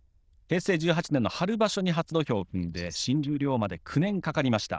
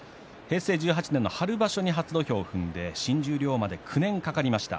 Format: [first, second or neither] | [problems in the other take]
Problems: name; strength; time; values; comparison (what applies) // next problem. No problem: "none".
second | noise reduction (neural diffusion model UNIVERSE++)